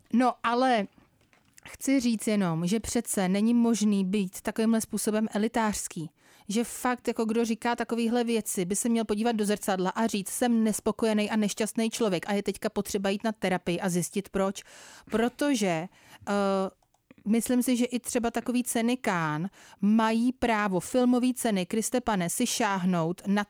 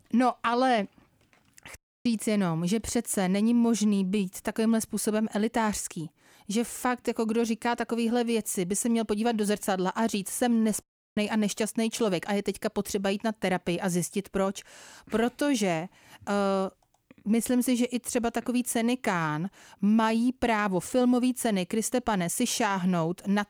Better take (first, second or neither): first